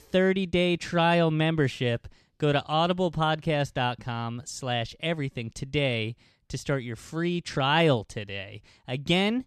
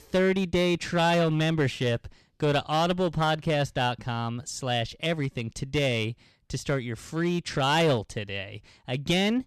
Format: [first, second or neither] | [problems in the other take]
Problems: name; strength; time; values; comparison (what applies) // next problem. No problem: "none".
first | distortion; slight; 6% of the sound clipped